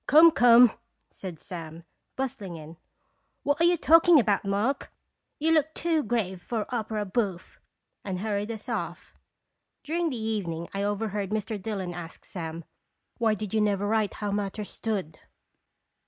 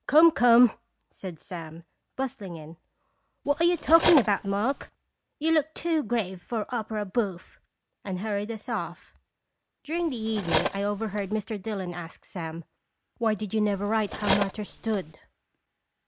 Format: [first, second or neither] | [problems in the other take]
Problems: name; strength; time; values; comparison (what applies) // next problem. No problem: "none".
first | background sound (Cutlery, silverware); 5 dB below the speech